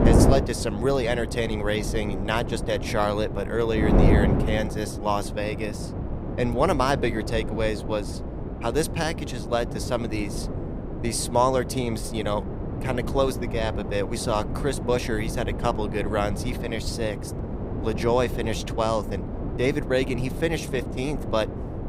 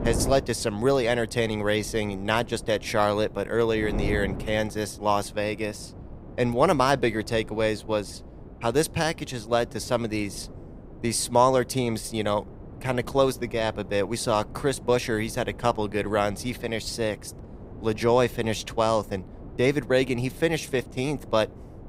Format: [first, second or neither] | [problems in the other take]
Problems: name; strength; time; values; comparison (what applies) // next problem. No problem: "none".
second | wind noise on the microphone; heavy; 8 dB below the speech; occasional gusts in the second